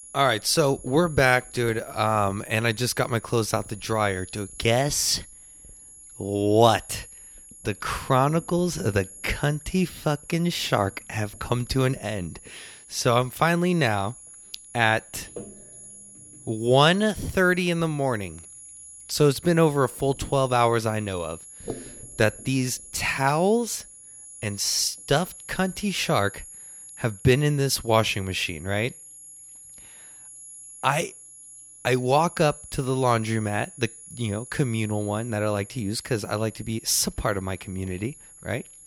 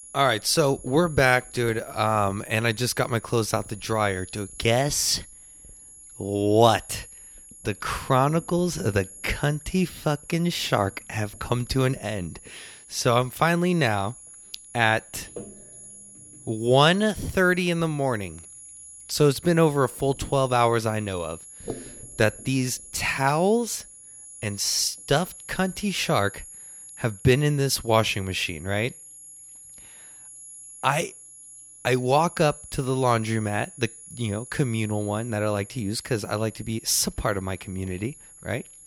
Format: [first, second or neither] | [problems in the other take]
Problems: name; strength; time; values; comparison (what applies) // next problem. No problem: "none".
neither | high-pitched whine; noticeable; throughout; 11 kHz, 20 dB below the speech; the same in both